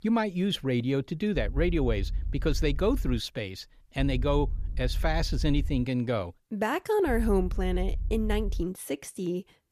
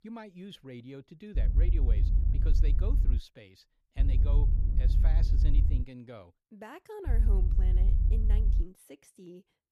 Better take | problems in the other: first | low rumble; loud; from 1.5 to 3 s, from 4 to 6 s and from 7 to 8.5 s; 1 dB below the speech; faint in the first

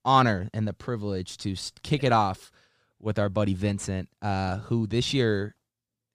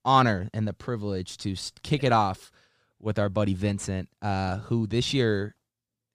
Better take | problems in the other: neither | none

